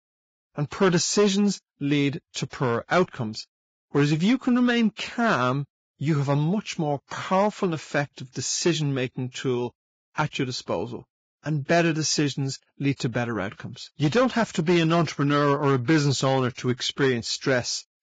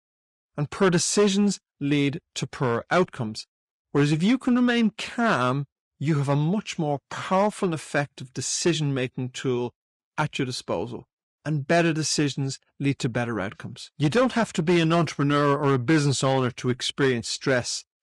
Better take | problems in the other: second | garbled, watery; badly; nothing above 7.5 kHz; slightly in the second

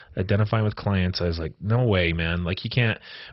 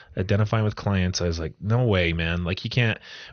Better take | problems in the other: second | garbled, watery; badly; nothing above 5.5 kHz; slightly in the second

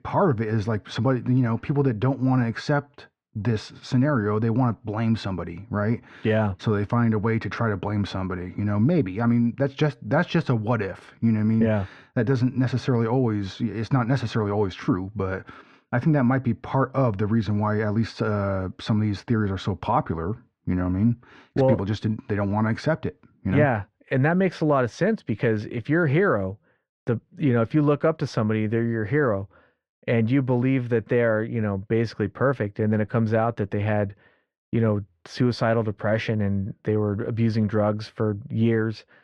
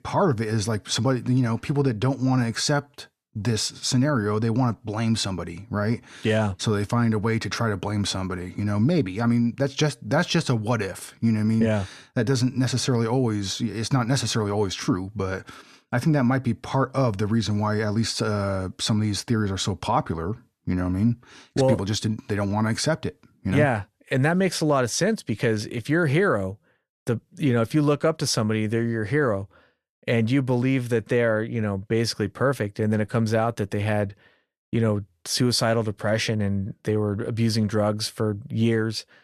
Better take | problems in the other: second | muffled; slightly; fading above 2.5 kHz

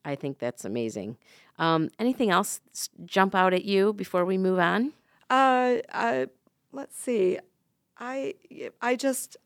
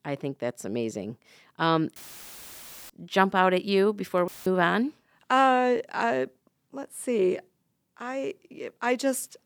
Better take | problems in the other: first | audio cutting out; filled with static; at 2 s for 1 s and at 4.5 s

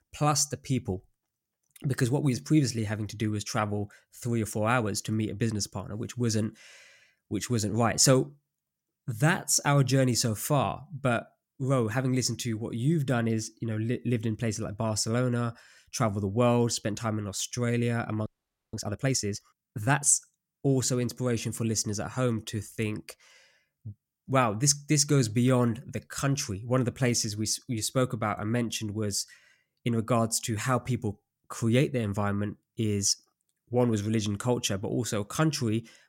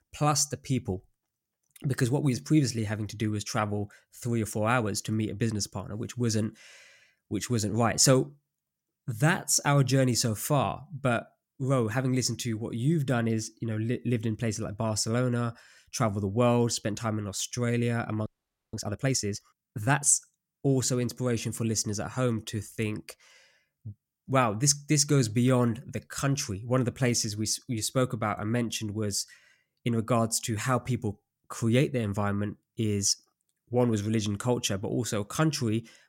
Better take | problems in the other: neither | audio freezing; at 18 s; the same in both

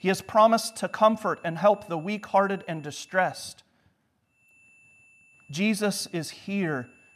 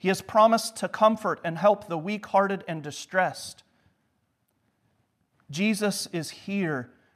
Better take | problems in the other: second | high-pitched whine; faint; until 3.5 s and from 4.5 s on; 2.5 kHz, 30 dB below the speech

